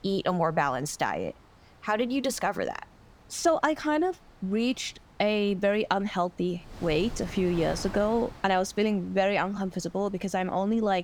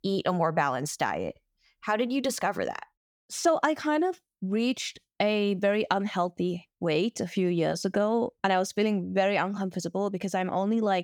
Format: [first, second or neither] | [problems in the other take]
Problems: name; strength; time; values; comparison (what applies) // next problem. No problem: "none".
second | wind noise on the microphone; occasional gusts; 20 dB below the speech